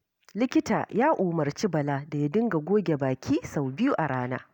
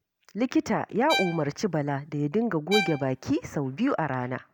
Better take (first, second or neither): first